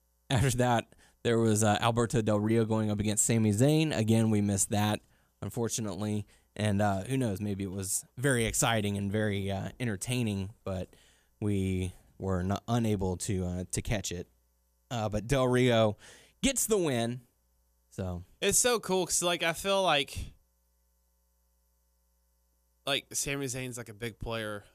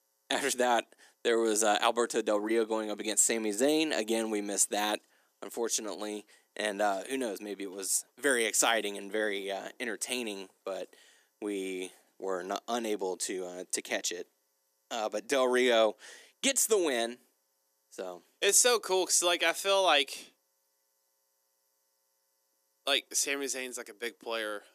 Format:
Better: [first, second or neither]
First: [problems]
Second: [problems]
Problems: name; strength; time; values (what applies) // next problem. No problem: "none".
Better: first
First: none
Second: thin; somewhat; fading below 300 Hz